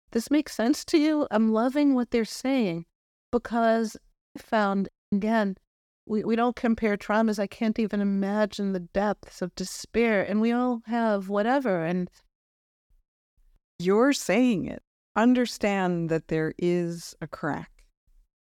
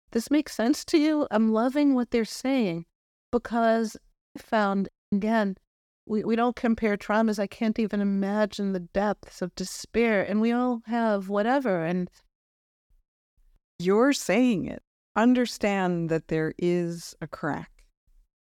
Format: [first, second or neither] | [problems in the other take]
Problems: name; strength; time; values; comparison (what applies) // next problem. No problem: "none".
neither | none